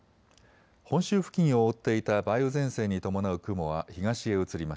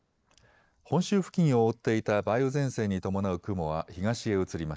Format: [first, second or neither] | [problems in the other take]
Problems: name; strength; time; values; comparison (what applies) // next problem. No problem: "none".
first | noise reduction (neural mask model Resemble Enhance denoiser)